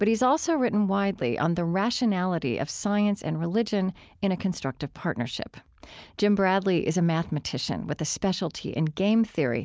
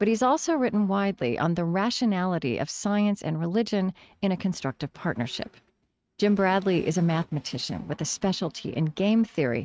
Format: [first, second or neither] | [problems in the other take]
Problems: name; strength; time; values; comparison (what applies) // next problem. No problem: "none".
first | noise reduction (neural mask model RNNoise)